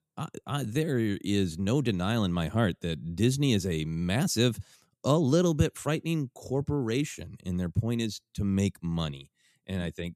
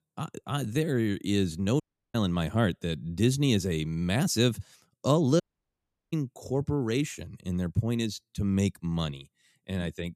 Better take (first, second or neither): first